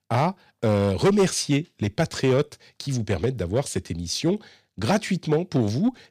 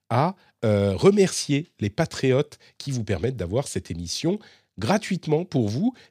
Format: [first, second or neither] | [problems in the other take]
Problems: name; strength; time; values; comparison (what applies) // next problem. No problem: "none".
second | distortion; slight; 4% of the sound clipped